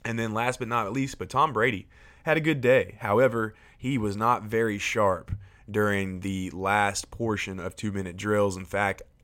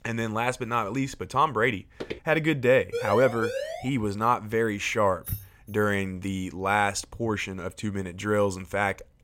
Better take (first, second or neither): first